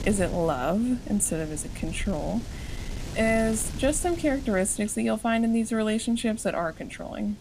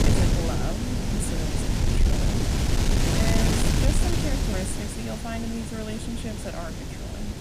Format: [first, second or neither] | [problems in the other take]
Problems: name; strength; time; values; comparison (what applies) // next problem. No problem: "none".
first | wind noise on the microphone; heavy; 5 dB above the speech; occasional gusts in the first